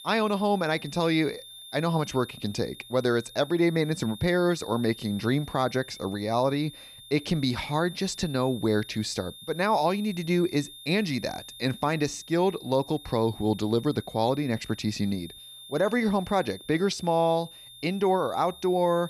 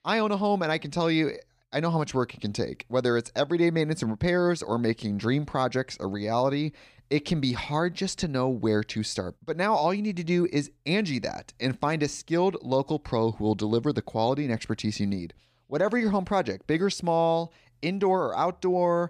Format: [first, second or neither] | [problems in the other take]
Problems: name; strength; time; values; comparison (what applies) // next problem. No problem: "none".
second | high-pitched whine; noticeable; throughout; 3.5 kHz, 15 dB below the speech